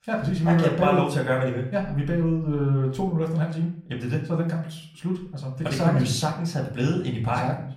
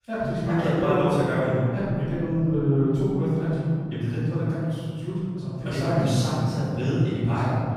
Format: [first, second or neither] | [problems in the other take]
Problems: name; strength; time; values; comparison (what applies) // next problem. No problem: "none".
first | room echo; strong; dies away in 3 s; slight in the first // off-mic speech; far; far in the first